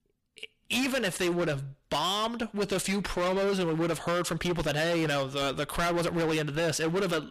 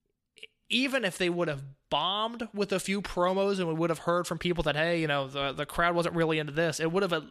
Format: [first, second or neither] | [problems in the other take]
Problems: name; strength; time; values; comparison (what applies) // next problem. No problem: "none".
second | distortion; heavy; 23% of the sound clipped